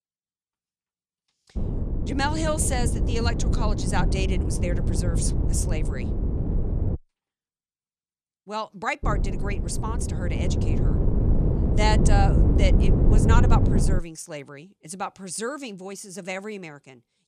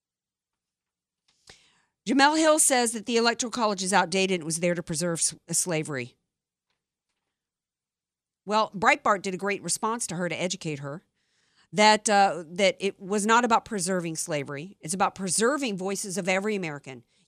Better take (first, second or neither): second